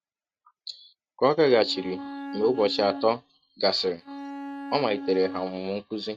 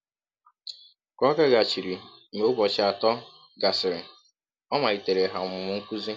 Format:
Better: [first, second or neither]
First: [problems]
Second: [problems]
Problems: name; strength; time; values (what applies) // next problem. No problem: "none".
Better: second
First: noise reduction (neural mask model RNNoise)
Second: none